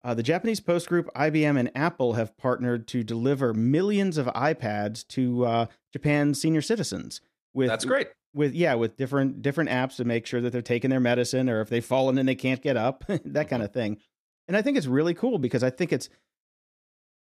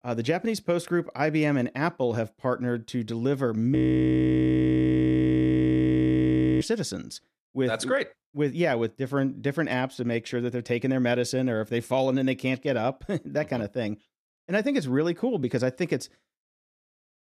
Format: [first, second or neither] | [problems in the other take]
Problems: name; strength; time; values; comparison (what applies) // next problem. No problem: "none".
first | audio freezing; at 4 s for 3 s